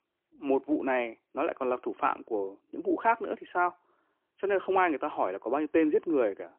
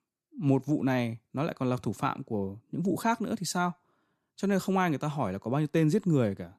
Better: second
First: phone-call audio; poor line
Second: none

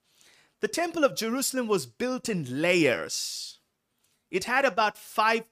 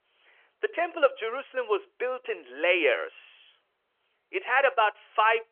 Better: first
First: none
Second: phone-call audio; nothing above 3 kHz

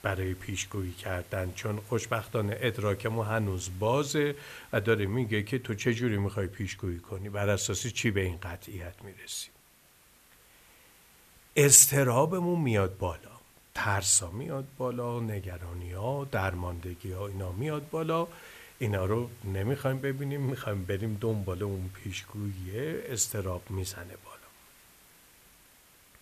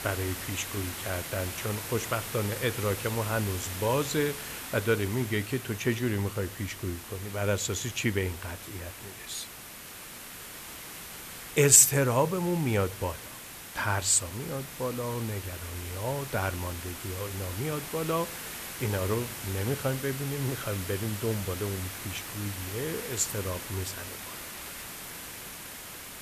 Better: first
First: hiss; faint; throughout; 25 dB below the speech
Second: hiss; loud; throughout; 9 dB below the speech

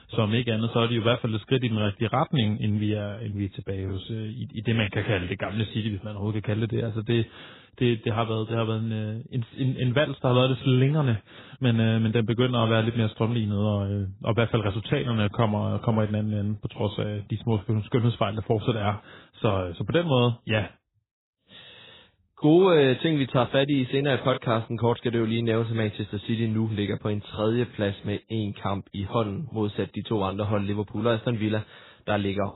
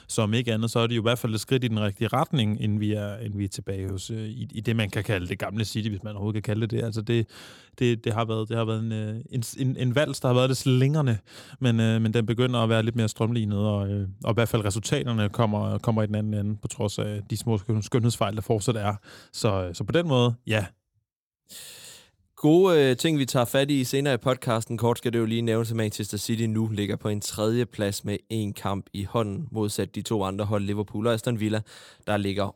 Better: second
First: garbled, watery; badly; nothing above 4 kHz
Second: none

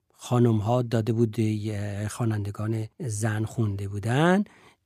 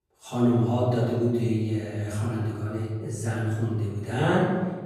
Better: first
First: none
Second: off-mic speech; far // room echo; noticeable; dies away in 1.2 s

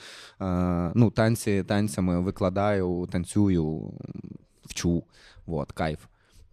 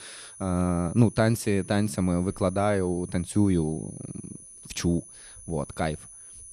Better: first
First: none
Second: high-pitched whine; noticeable; throughout; 10 kHz, 20 dB below the speech

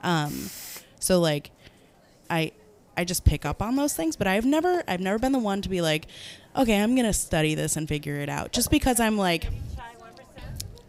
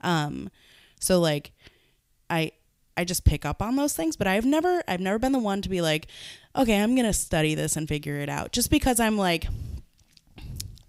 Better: second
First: hiss; faint; throughout; 20 dB below the speech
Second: none

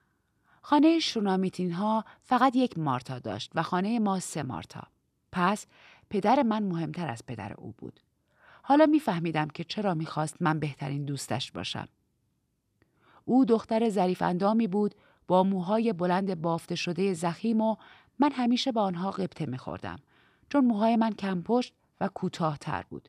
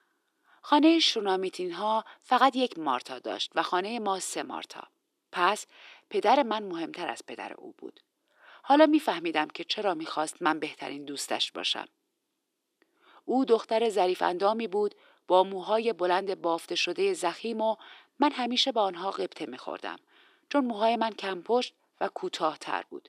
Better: first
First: none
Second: thin; somewhat; fading below 350 Hz

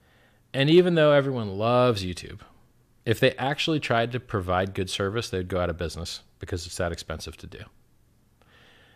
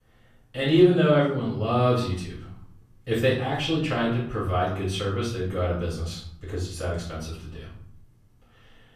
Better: first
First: none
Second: room echo; noticeable; dies away in 0.7 s // off-mic speech; far

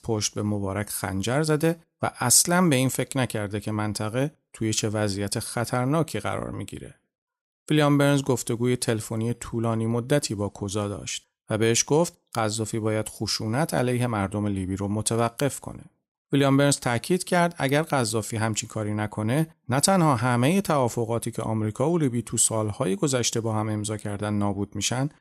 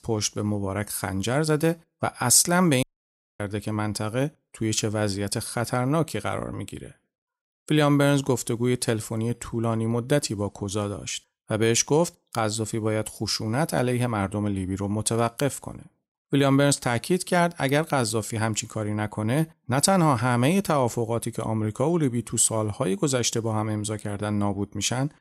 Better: first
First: none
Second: audio cutting out; at 3 s for 0.5 s

